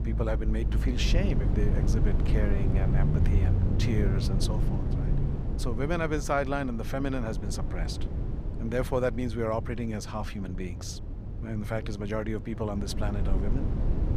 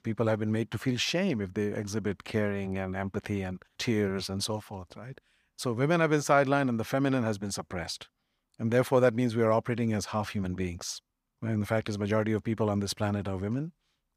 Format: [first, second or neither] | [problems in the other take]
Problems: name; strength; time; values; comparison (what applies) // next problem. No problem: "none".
second | low rumble; loud; throughout; 7 dB below the speech